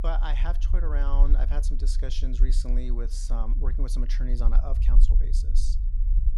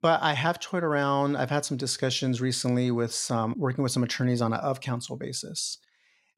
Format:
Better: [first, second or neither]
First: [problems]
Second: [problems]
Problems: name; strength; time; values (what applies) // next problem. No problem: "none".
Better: second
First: low rumble; noticeable; throughout; 10 dB below the speech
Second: none